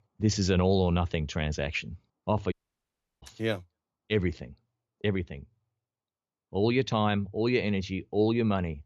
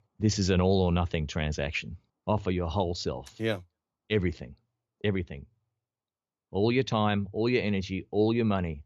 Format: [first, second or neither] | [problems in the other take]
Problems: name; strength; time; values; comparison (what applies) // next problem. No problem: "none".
second | audio cutting out; at 2.5 s for 0.5 s